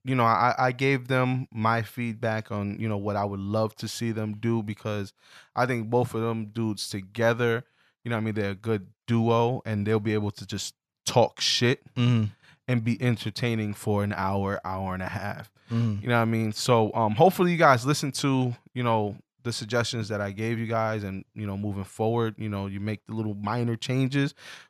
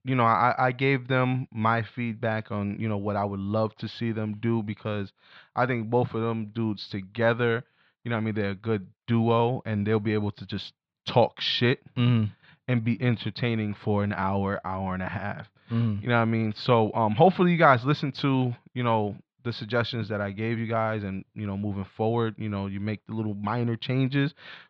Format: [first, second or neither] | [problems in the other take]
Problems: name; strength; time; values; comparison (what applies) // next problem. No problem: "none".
first | muffled; slightly; fading above 4 kHz